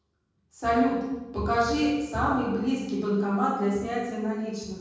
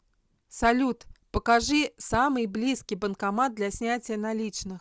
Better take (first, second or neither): second